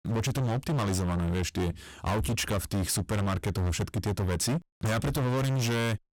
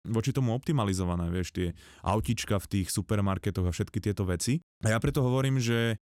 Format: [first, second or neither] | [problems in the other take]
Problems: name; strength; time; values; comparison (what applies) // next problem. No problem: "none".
second | distortion; heavy; 34% of the sound clipped